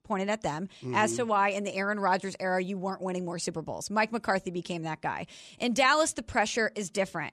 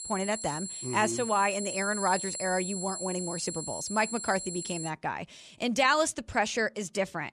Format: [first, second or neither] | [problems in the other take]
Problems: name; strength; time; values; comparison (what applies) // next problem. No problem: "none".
first | high-pitched whine; loud; until 5 s; 7.5 kHz, 6 dB below the speech